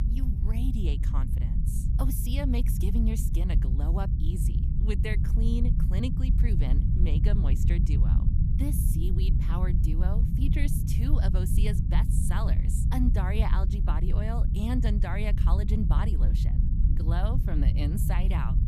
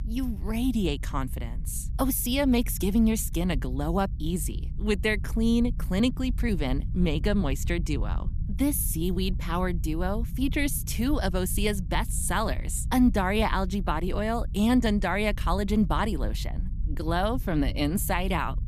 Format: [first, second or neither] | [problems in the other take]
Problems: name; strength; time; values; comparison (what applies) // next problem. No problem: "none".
second | low rumble; loud; throughout; 3 dB below the speech; faint in the second